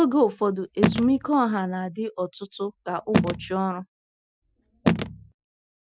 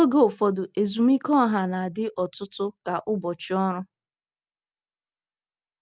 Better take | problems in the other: second | noise reduction (classical method Wiener filter)

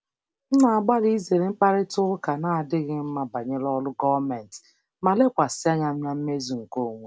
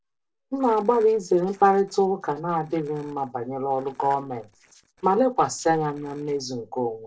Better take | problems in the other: first | noise reduction (neural separator model SepFormer DNS4)

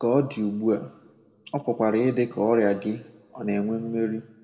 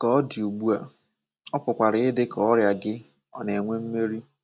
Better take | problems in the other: second | room echo; dies away in 0.9 s

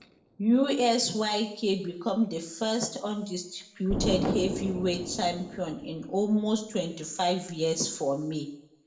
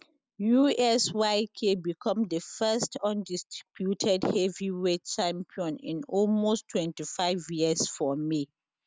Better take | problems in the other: second | background sound (Explosion); 11 dB below the speech // room echo; dies away in 0.6 s

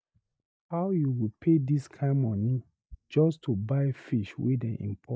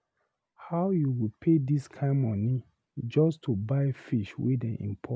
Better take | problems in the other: second | noise reduction (neural mask model DeepFilterNet 3)

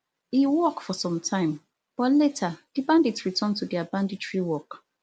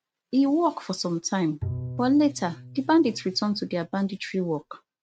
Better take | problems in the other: first | noise reduction (neural mask model RNNoise)

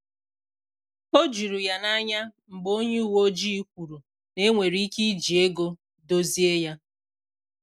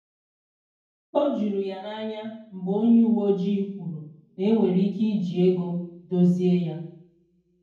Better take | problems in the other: first | room echo; dies away in 0.9 s

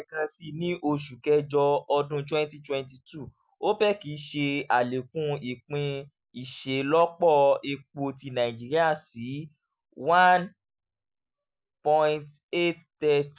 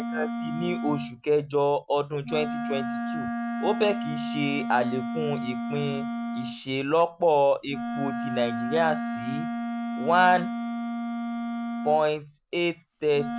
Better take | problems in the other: first | background sound (Wind instrument, woodwind instrument); 4 dB below the speech

